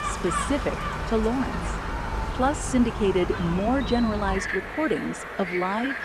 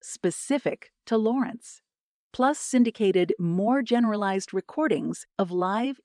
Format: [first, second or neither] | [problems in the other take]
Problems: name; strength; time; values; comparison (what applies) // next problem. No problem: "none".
second | animal sounds; loud; throughout; 4 dB below the speech